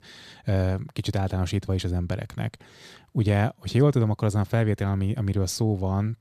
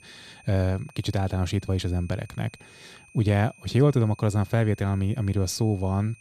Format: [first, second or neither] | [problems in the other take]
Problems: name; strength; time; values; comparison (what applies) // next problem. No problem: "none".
first | high-pitched whine; faint; throughout; 2.5 kHz, 25 dB below the speech